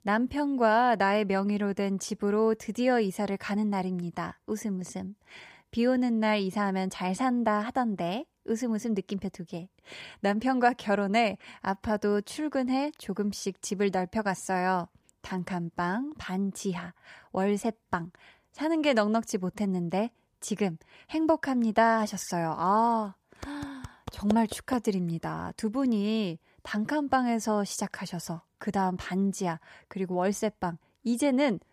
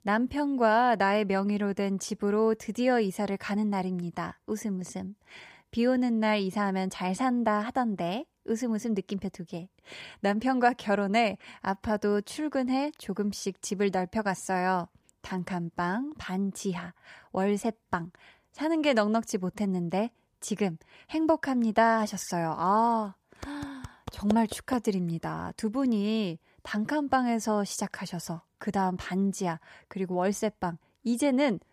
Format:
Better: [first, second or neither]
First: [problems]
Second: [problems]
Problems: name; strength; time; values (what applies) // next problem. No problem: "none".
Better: neither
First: none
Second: none